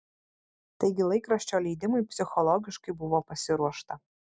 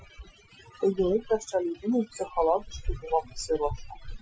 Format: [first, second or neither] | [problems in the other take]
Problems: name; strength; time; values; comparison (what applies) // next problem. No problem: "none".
first | noise reduction (classical method Wiener filter)